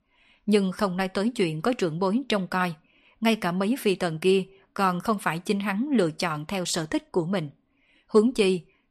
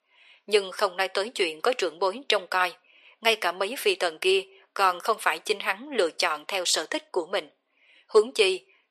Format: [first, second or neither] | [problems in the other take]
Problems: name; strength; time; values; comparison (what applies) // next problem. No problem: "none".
first | thin; very; fading below 450 Hz